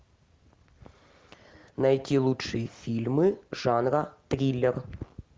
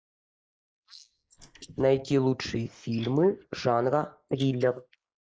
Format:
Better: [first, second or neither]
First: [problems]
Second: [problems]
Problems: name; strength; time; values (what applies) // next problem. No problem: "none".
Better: first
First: none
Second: noise reduction (neural mask model Resemble Enhance denoiser)